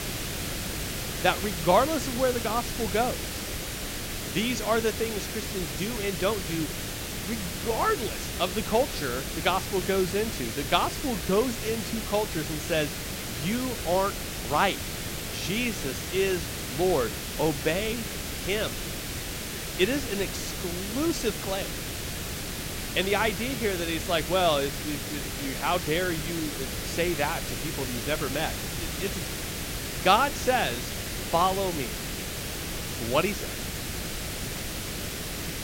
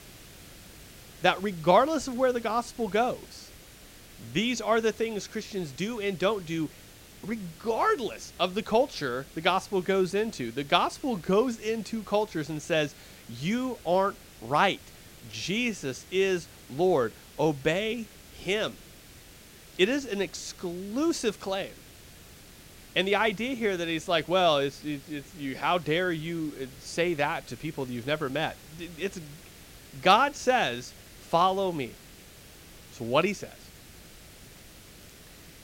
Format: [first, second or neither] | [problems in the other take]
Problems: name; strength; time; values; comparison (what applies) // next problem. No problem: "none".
second | hiss; loud; throughout; 4 dB below the speech; faint in the second